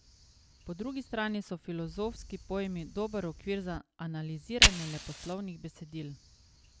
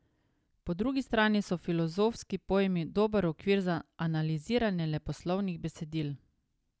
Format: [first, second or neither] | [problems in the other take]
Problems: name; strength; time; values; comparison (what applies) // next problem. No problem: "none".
second | background sound (Fire); 2 dB above the speech